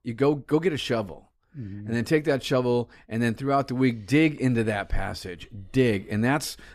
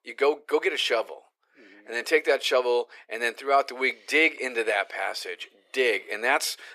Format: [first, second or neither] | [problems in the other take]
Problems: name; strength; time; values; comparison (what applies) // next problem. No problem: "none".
first | thin; very; fading below 400 Hz